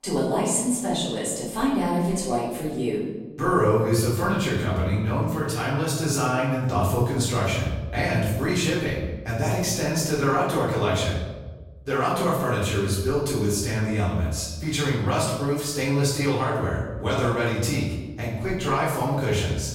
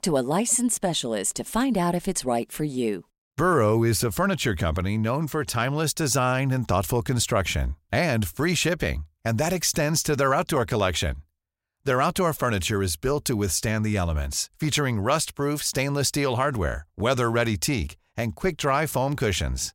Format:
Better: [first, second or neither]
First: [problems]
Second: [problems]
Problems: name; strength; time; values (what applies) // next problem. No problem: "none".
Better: second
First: off-mic speech; far // room echo; noticeable; dies away in 1.1 s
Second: none